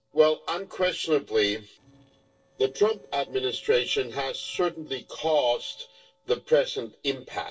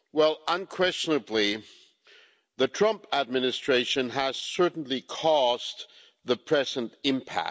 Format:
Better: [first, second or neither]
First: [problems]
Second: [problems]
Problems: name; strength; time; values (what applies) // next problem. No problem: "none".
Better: second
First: noise reduction (neural separator model SepFormer DNS4)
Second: none